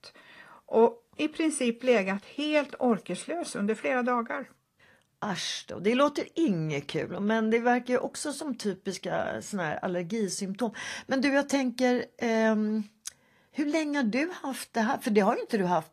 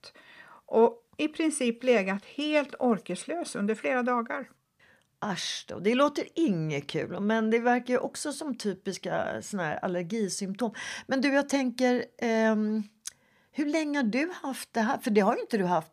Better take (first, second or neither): second